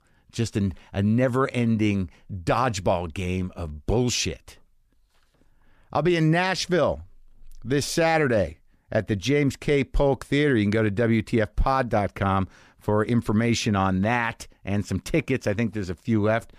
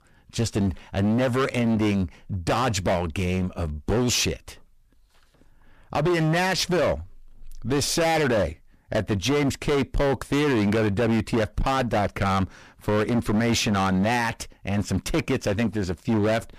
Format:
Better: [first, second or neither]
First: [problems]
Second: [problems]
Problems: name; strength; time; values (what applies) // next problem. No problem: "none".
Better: first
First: none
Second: distortion; heavy; 20% of the sound clipped